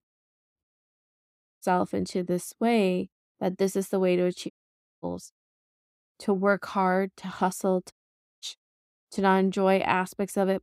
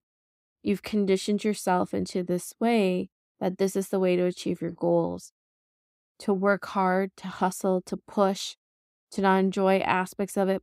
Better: second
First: audio cutting out; at 0.5 s for 1 s, at 4.5 s for 0.5 s and at 8 s for 0.5 s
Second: none

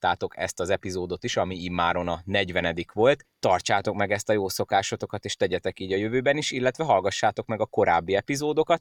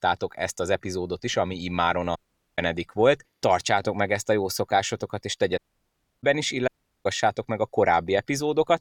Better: first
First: none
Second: audio cutting out; at 2 s, at 5.5 s for 0.5 s and at 6.5 s

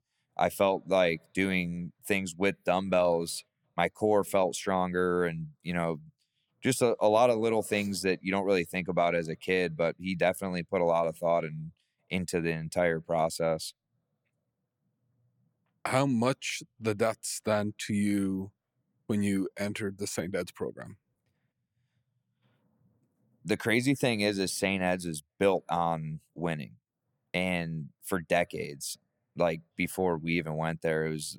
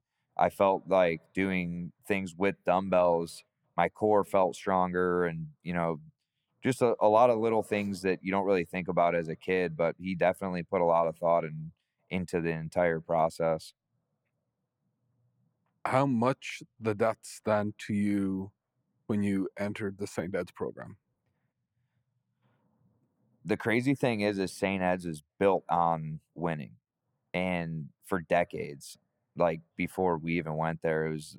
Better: first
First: none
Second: muffled; slightly; fading above 3 kHz

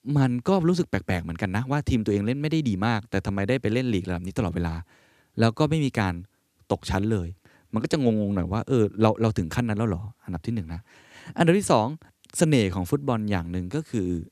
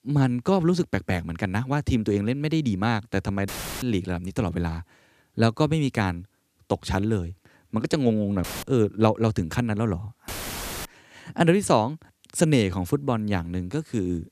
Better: first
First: none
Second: audio cutting out; filled with static; at 3.5 s, at 8.5 s and at 10 s for 0.5 s

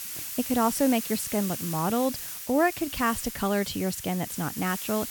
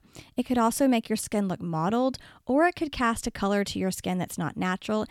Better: second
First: hiss; loud; throughout; 6 dB below the speech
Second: none

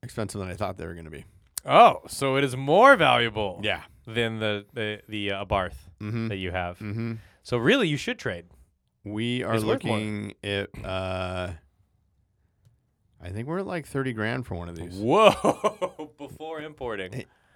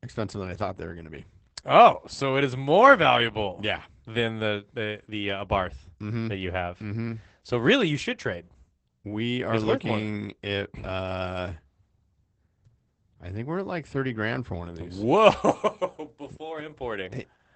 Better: first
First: none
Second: garbled, watery; badly; nothing above 8 kHz

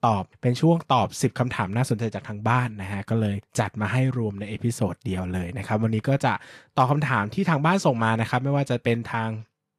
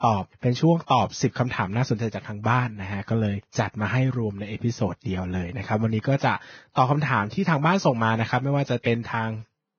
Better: first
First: garbled, watery; slightly; nothing above 12.5 kHz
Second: garbled, watery; badly; nothing above 6.5 kHz

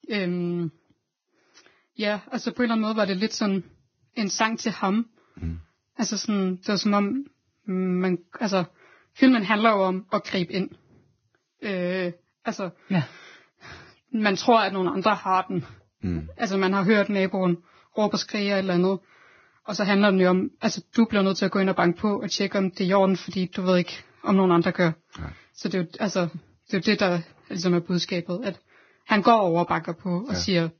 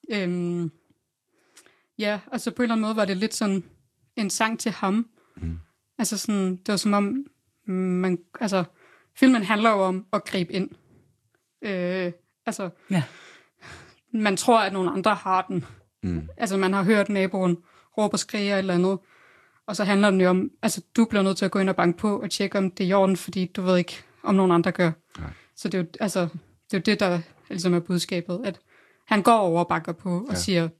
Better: second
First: garbled, watery; badly; nothing above 6 kHz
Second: garbled, watery; slightly; nothing above 12.5 kHz

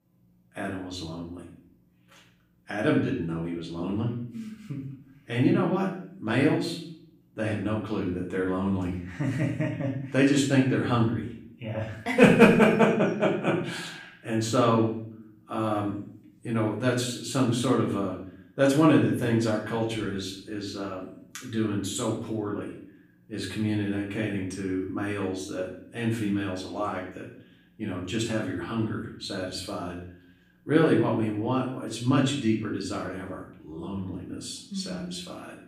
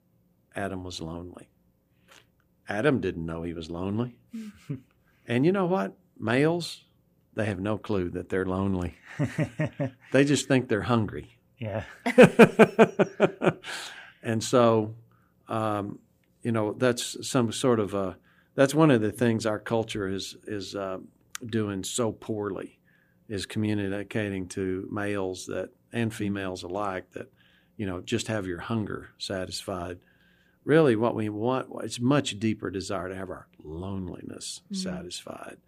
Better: second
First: off-mic speech; far // room echo; noticeable; dies away in 0.5 s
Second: none

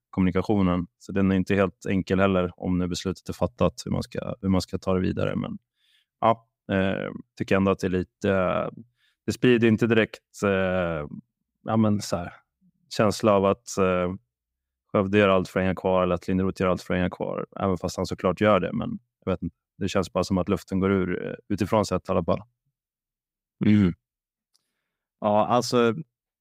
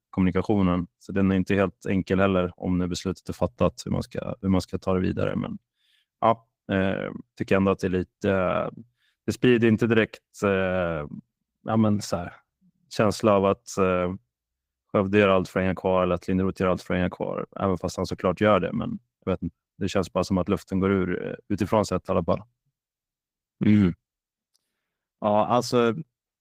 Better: first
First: none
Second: garbled, watery; slightly; nothing above 15.5 kHz

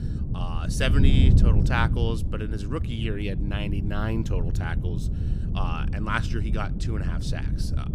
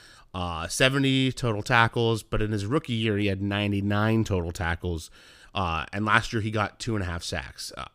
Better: second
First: wind noise on the microphone; heavy; 7 dB below the speech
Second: none

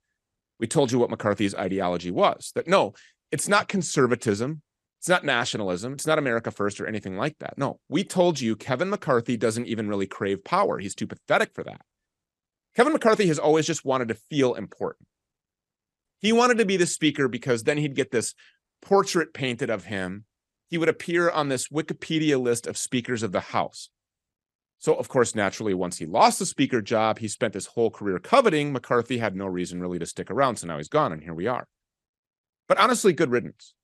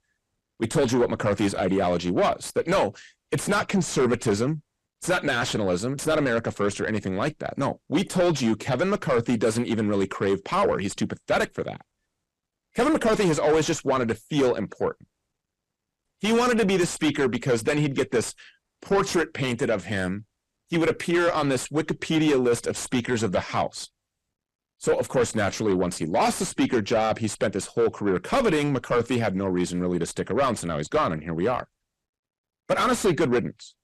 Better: first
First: none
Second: distortion; heavy; 6 dB below the speech

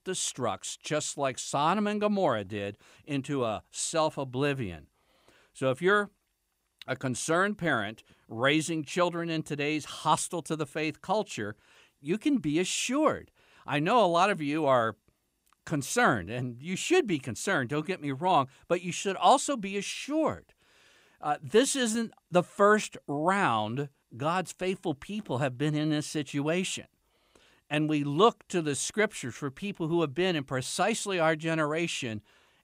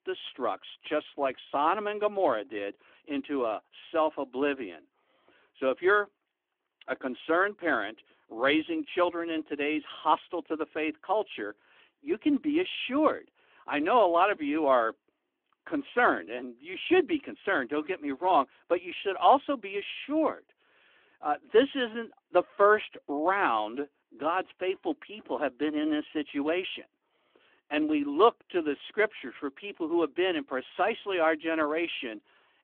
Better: first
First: none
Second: phone-call audio; nothing above 3.5 kHz

